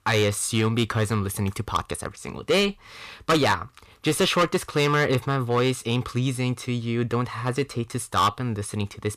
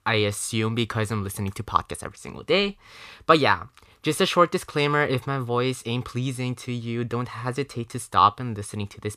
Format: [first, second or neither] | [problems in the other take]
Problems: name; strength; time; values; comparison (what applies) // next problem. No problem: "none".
second | distortion; heavy; 5% of the sound clipped